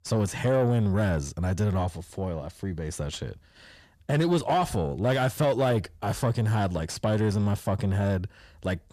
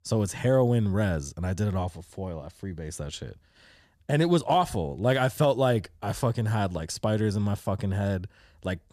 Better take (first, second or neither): second